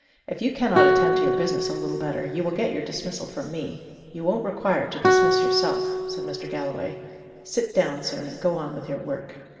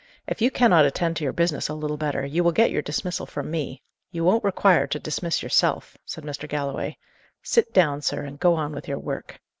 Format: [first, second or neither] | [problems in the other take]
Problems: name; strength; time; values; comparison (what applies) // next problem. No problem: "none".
second | background sound (Guitar); 2 dB above the speech // room echo; dies away in 2.1 s